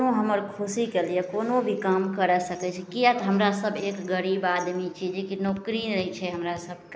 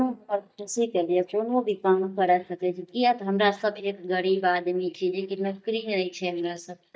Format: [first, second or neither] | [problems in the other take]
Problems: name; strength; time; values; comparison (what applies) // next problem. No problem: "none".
first | noise reduction (neural mask model DeepFilterNet 3)